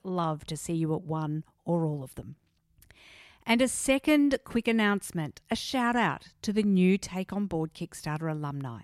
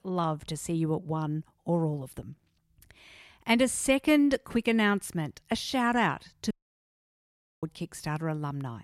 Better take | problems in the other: first | audio cutting out; at 6.5 s for 1 s

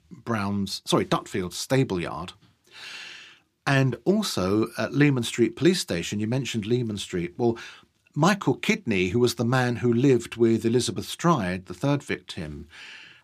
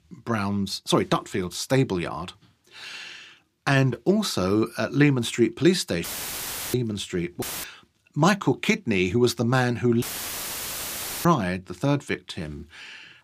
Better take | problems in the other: first | audio cutting out; filled with static; at 6 s for 0.5 s, at 7.5 s and at 10 s for 1 s

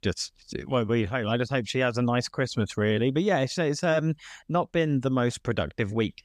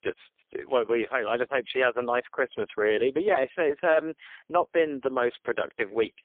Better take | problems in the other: first | phone-call audio; poor line; nothing above 3.5 kHz

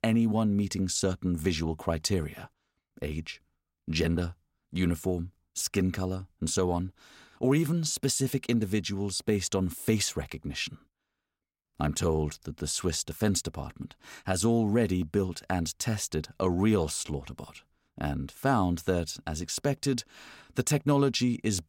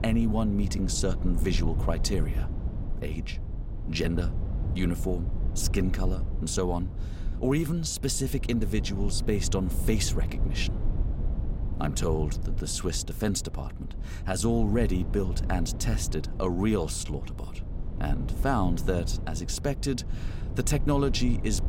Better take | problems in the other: first | low rumble; noticeable; throughout; 15 dB below the speech

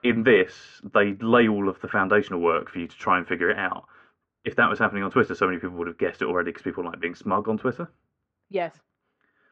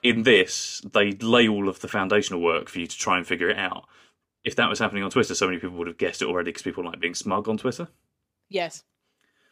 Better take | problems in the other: second | muffled; very; fading above 1.5 kHz

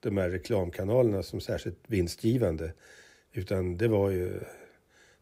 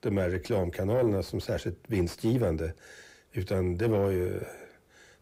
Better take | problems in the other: first | distortion; slight; 10 dB below the speech

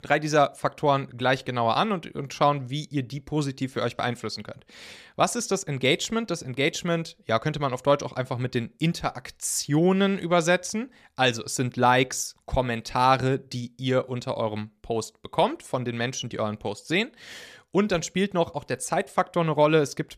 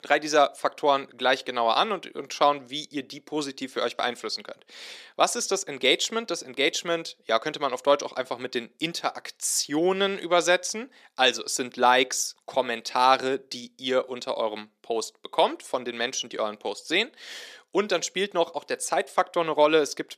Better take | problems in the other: first | thin; somewhat; fading below 300 Hz

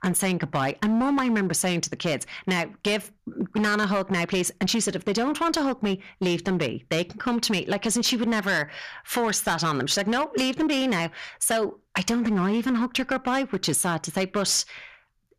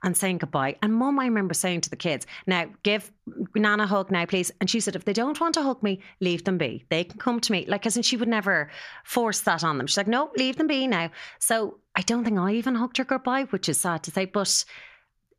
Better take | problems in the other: second | distortion; slight; 13% of the sound clipped

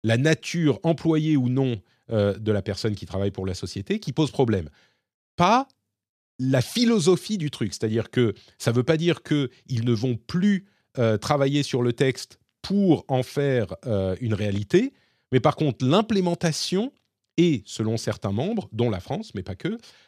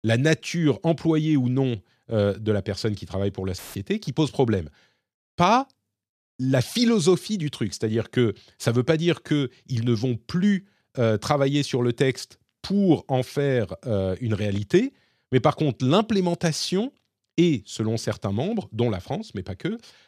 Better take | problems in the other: first | audio cutting out; filled with static; at 3.5 s

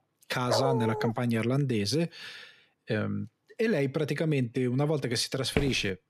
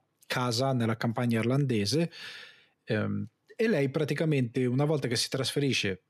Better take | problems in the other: second | dog barking; noticeable; at 0.5 s; peak level with the speech // footsteps; noticeable; at 5.5 s; peak 5 dB below the speech

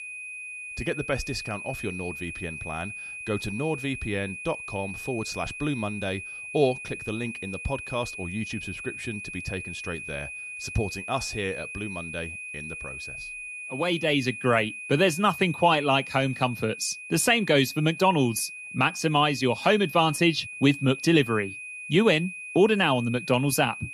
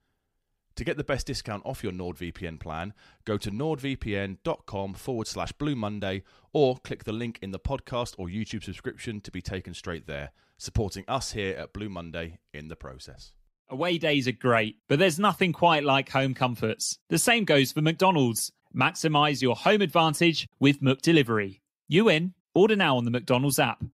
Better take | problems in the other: second | high-pitched whine; loud; throughout; 2.5 kHz, 10 dB below the speech

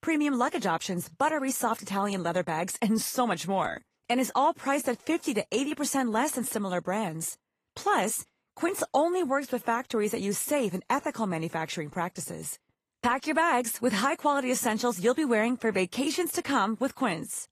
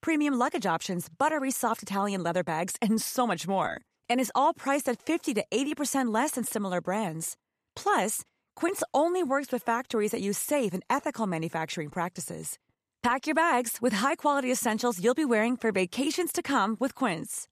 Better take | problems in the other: second | garbled, watery; slightly; nothing above 14.5 kHz

